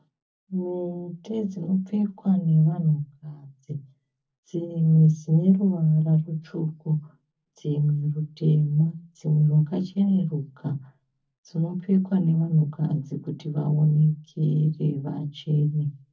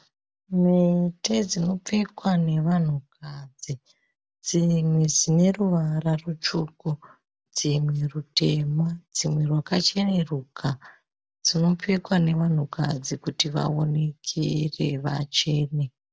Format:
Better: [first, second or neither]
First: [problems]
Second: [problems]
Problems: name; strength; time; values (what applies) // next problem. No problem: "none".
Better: second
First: room echo; dies away in 0.3 s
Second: none